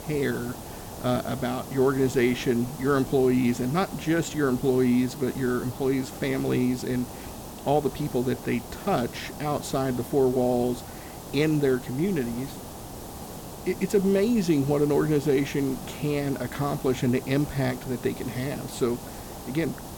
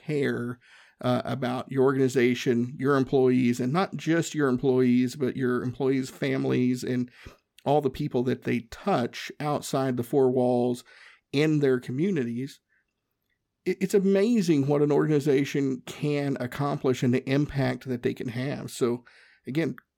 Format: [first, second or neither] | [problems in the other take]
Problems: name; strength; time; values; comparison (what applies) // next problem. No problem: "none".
second | hiss; noticeable; throughout; 15 dB below the speech